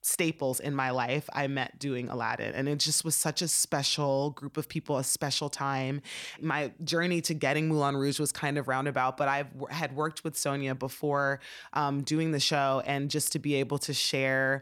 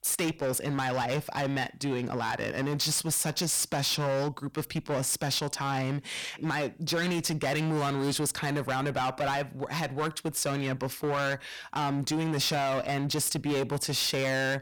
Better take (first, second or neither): first